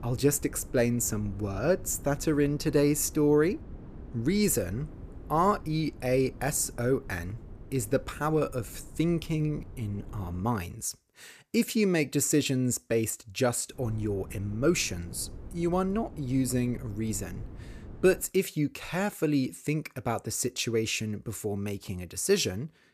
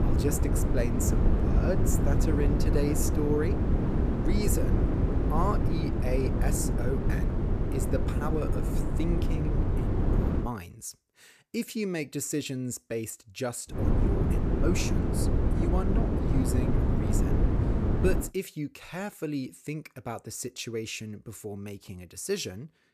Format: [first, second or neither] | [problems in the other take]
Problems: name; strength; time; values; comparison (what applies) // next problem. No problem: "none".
first | wind noise on the microphone; heavy; until 10 s and from 14 to 18 s; as loud as the speech; occasional gusts in the first